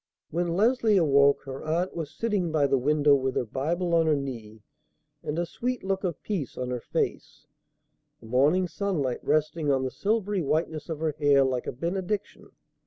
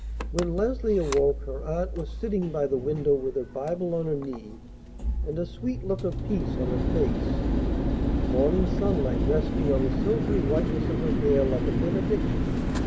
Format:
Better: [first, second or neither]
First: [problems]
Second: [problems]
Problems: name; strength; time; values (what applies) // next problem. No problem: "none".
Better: first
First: none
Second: background sound (Mechanical fan); 1 dB above the speech // room echo; dies away in 0.7 s